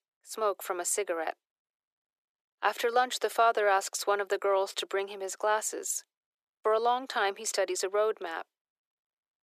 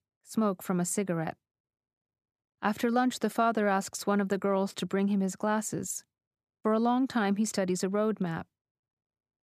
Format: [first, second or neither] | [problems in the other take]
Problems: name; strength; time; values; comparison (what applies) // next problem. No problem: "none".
second | thin; very; fading below 400 Hz